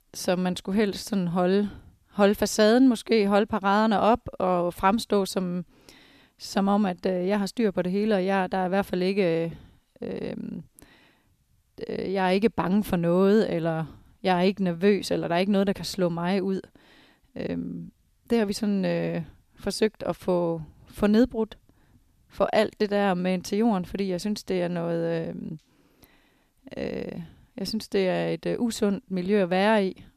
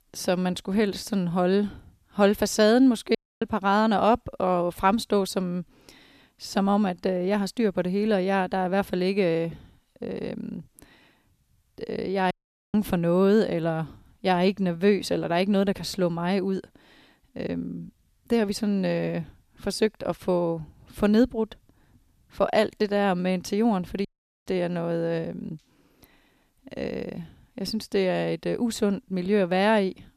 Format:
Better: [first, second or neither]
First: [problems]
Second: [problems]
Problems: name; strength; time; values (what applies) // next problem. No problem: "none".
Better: first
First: none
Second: audio cutting out; at 3 s, at 12 s and at 24 s